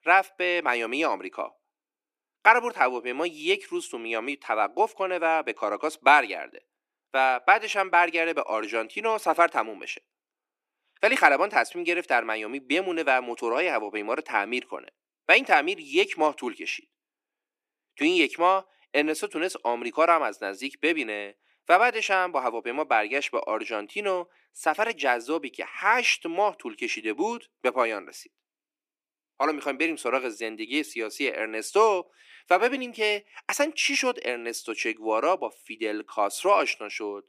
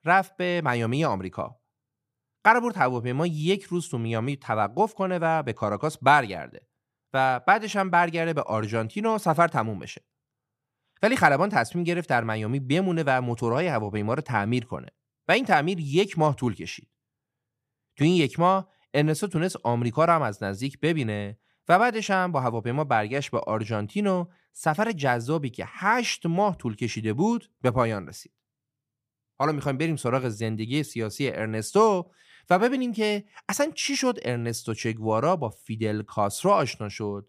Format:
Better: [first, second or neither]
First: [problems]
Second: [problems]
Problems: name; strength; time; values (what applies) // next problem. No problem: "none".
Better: second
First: thin; somewhat; fading below 300 Hz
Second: none